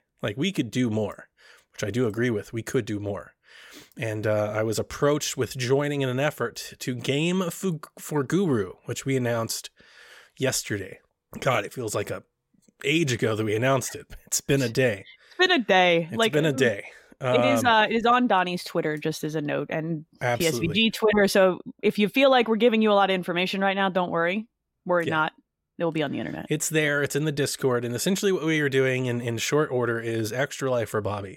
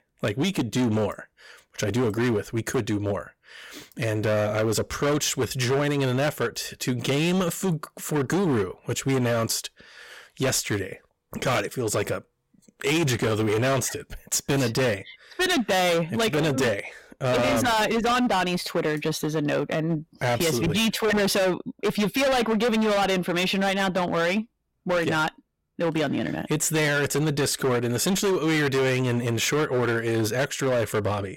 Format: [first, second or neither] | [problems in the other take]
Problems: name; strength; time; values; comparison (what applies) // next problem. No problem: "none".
first | distortion; heavy; 19% of the sound clipped